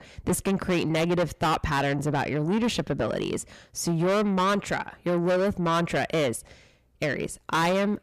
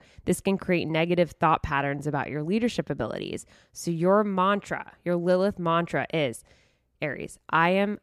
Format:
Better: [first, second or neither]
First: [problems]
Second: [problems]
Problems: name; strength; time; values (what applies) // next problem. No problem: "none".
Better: second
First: distortion; heavy; 6 dB below the speech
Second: none